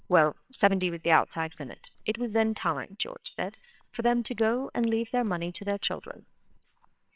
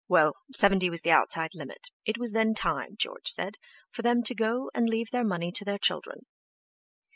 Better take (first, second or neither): second